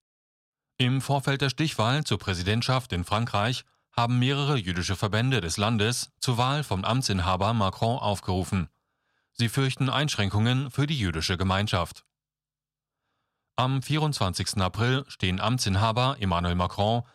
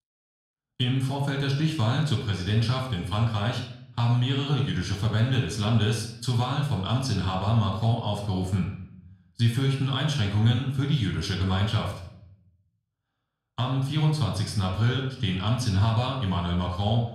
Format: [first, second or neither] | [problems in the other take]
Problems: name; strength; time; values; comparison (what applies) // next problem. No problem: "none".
first | off-mic speech; somewhat distant // room echo; noticeable; dies away in 0.6 s